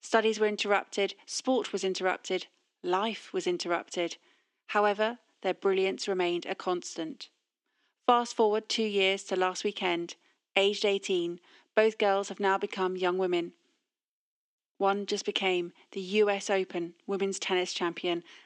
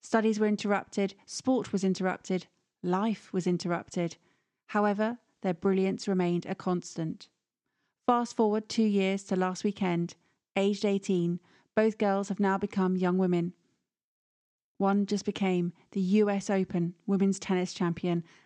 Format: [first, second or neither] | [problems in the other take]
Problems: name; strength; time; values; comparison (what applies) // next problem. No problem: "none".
second | thin; somewhat; fading below 300 Hz